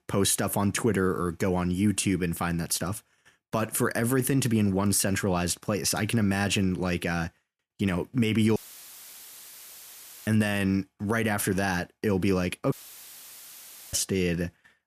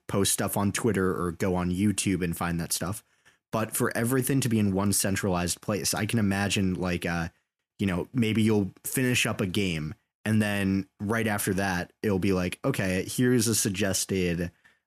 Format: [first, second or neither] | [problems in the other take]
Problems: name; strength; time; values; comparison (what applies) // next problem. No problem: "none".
second | audio cutting out; filled with static; at 8.5 s for 1.5 s and at 13 s for 1 s